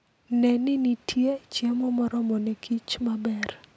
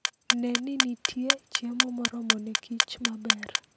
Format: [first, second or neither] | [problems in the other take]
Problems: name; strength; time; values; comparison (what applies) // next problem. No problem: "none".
first | background sound (Clock); 5 dB above the speech